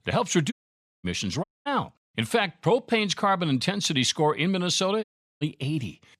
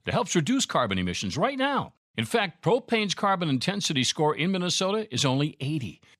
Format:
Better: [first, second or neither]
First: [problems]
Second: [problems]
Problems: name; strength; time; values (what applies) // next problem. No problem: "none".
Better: second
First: audio cutting out; at 0.5 s for 0.5 s, at 1.5 s and at 5 s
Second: none